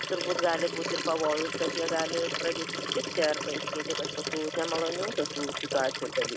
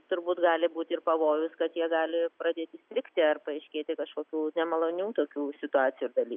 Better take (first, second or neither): second